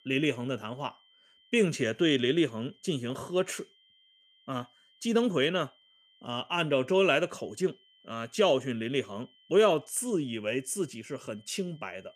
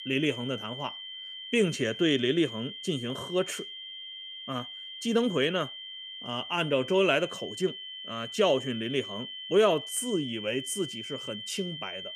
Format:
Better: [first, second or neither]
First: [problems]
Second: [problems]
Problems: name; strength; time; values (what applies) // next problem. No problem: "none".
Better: first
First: high-pitched whine; faint; throughout; 3 kHz, 30 dB below the speech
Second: high-pitched whine; loud; throughout; 3 kHz, 9 dB below the speech